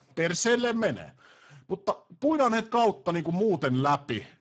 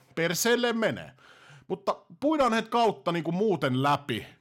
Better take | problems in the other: second | garbled, watery; badly; nothing above 7.5 kHz

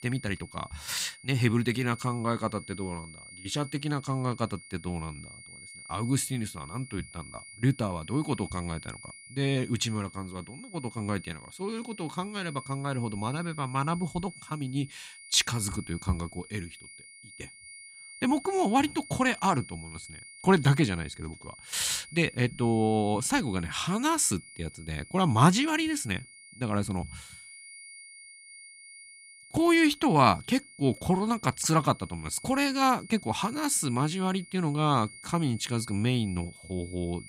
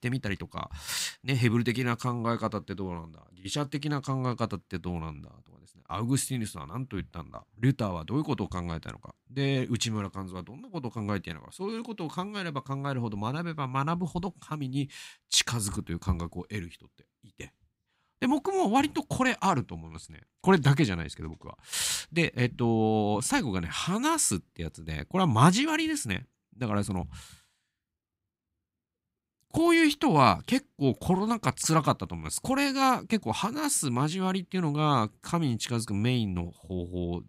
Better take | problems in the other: second | high-pitched whine; noticeable; throughout; 2 kHz, 20 dB below the speech

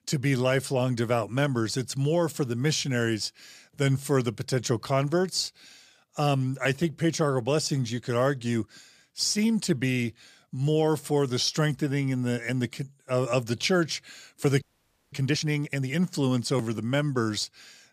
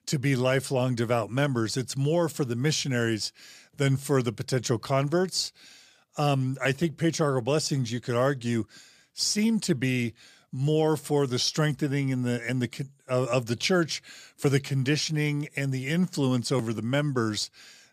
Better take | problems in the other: second | audio freezing; at 15 s for 0.5 s

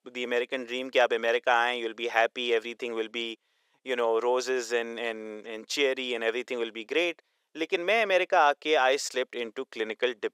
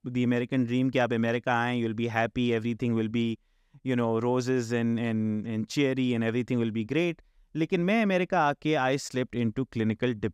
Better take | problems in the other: second | thin; very; fading below 450 Hz

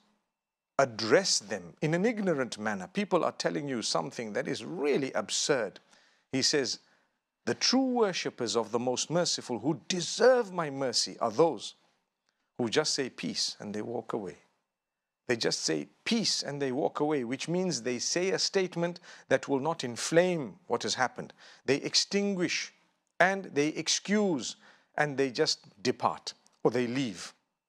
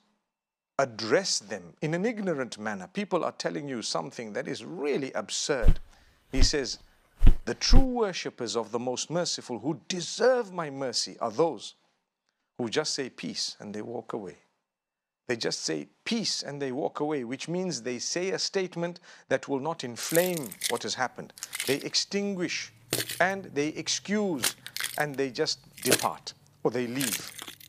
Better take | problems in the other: first | footsteps; loud; from 5.5 to 8 s; peak 3 dB above the speech // jangling keys; loud; from 20 s on; peak 4 dB above the speech

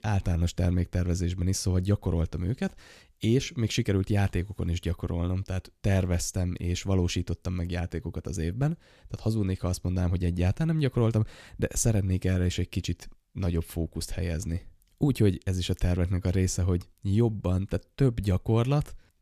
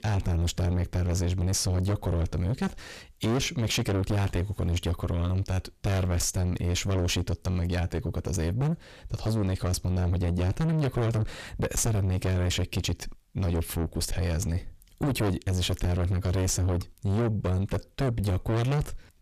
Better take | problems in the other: first | distortion; heavy; 5 dB below the speech

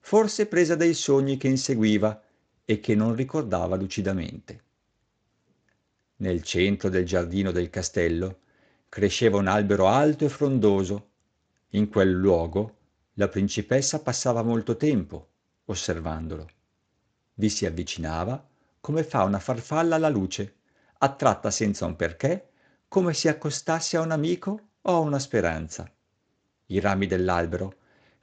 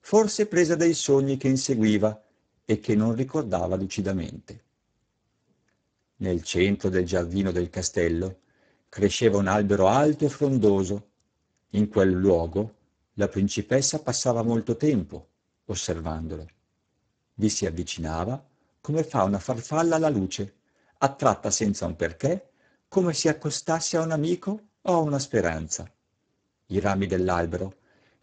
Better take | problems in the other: first | garbled, watery; badly; nothing above 7.5 kHz; slightly in the first

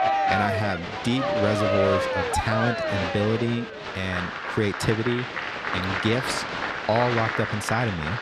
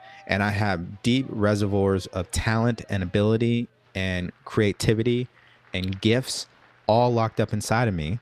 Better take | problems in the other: second | crowd noise; loud; throughout; as loud as the speech; faint in the second

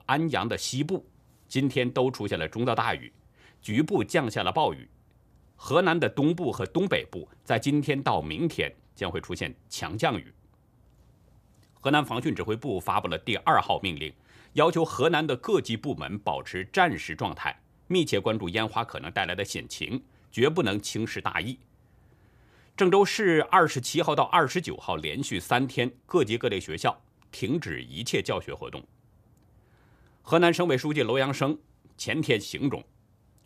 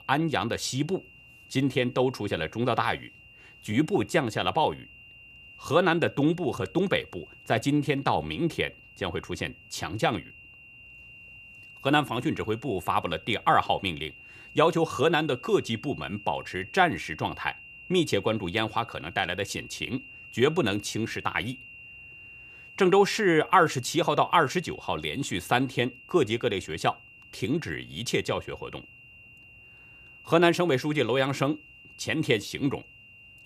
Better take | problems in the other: first | high-pitched whine; noticeable; throughout; 3 kHz, 20 dB below the speech

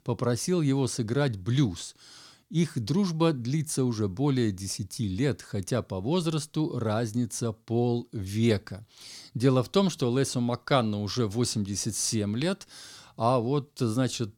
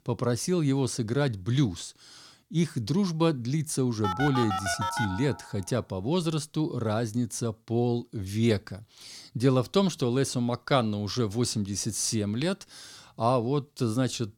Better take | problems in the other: first | phone ringing; noticeable; from 4 to 5.5 s; peak 2 dB below the speech

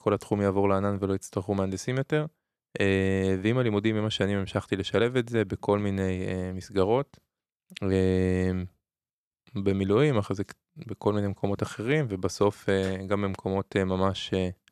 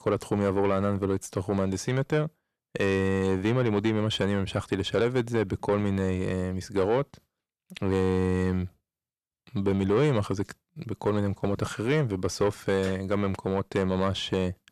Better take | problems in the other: first | distortion; slight; 10 dB below the speech

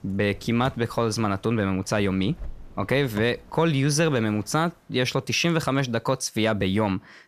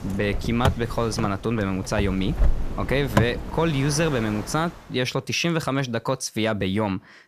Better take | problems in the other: first | wind in the background; loud; until 4.5 s; 6 dB below the speech; faint in the first

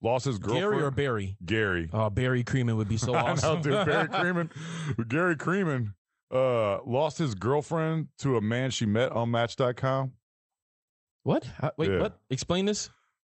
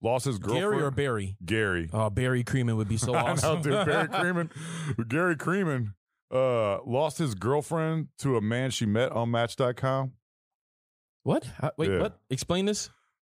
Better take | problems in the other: second | garbled, watery; slightly; nothing above 8 kHz

